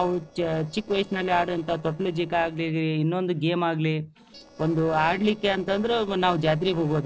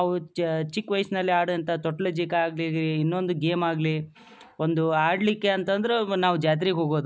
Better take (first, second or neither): second